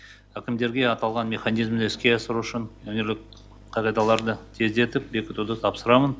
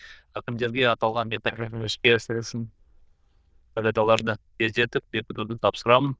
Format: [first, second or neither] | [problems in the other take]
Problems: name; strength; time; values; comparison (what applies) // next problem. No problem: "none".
first | noise reduction (neural diffusion model UNIVERSE++)